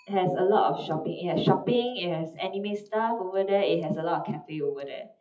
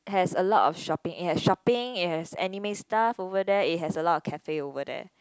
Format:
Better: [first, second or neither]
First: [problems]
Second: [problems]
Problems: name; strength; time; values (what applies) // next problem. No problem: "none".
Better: second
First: noise reduction (classical method WPE with log-MMSE)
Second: none